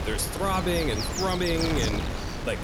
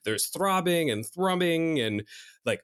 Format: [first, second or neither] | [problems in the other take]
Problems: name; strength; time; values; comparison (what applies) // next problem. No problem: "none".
second | wind noise on the microphone; heavy; 3 dB below the speech